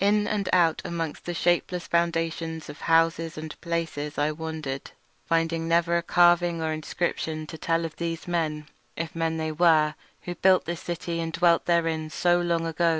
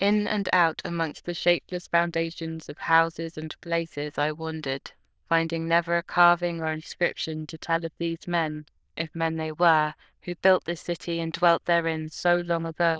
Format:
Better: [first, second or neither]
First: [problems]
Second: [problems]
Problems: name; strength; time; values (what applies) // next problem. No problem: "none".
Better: first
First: none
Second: noise reduction (neural diffusion model UNIVERSE++)